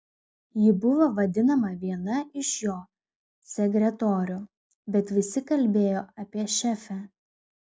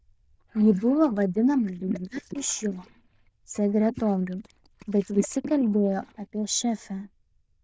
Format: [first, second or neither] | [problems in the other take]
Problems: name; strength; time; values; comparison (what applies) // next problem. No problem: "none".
first | noise reduction (neural diffusion model UNIVERSE++)